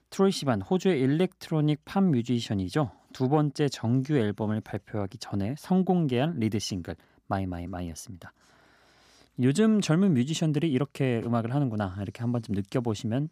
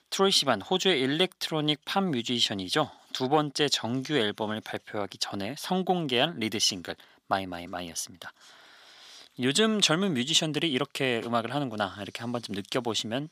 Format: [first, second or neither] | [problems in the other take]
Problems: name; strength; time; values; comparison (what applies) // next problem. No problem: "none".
first | thin; somewhat; fading below 900 Hz